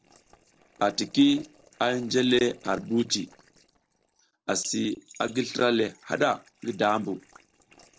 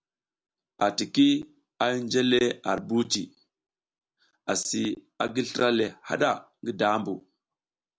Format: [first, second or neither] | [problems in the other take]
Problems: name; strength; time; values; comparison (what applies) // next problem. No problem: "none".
second | noise reduction (neural separator model SepFormer DNS4)